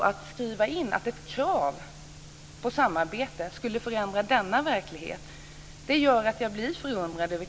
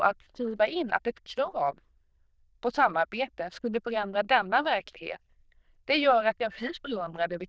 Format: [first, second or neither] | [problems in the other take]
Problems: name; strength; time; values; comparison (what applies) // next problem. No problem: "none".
first | noise reduction (neural diffusion model UNIVERSE++)